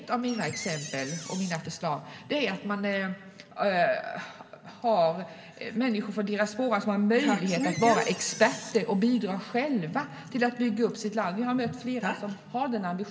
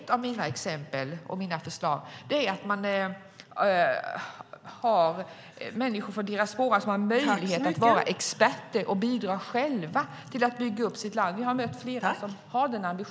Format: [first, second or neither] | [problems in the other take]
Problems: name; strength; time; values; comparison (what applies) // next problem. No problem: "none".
second | background sound (Door); 13 dB below the speech // room echo; dies away in 1.9 s